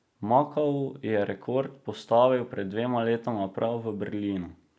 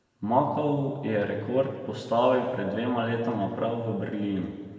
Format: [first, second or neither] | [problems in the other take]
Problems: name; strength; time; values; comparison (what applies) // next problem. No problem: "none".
first | room echo; dies away in 1.9 s